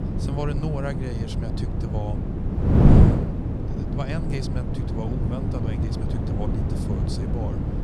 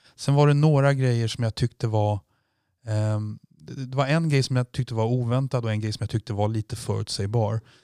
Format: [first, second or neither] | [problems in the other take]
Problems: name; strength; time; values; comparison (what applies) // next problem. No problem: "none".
second | wind noise on the microphone; heavy; 4 dB above the speech